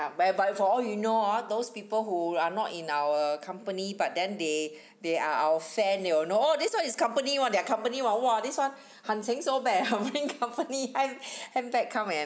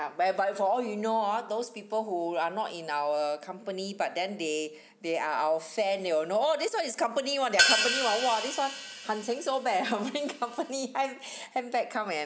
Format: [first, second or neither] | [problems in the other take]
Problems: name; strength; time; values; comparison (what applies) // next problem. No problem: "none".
first | background sound (Hi-hat); 1 dB below the speech